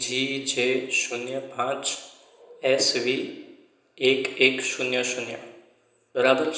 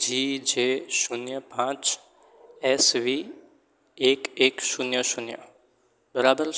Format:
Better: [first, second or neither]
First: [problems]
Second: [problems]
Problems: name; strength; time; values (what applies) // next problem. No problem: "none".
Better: second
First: room echo; dies away in 0.9 s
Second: none